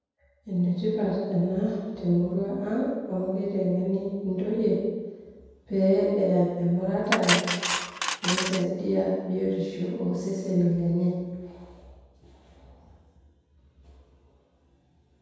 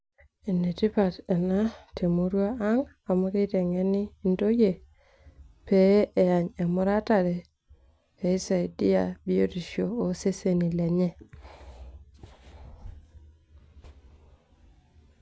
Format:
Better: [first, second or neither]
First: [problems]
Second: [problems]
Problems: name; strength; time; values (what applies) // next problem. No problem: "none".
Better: second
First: background sound (Cutlery, silverware); 4 dB below the speech // room echo; dies away in 1.2 s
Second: none